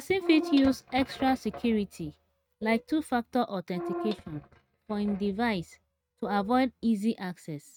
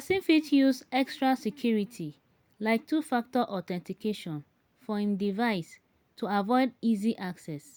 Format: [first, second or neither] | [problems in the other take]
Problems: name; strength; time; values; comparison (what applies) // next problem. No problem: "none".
second | noise reduction (neural mask model RNNoise)